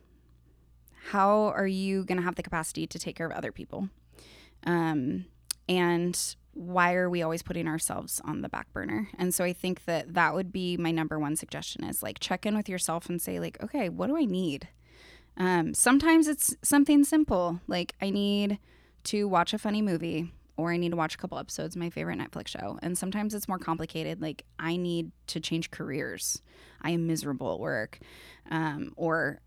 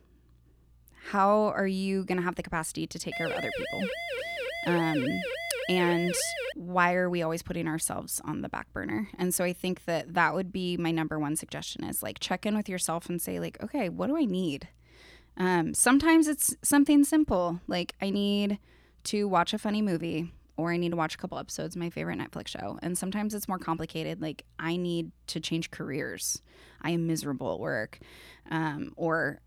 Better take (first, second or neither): first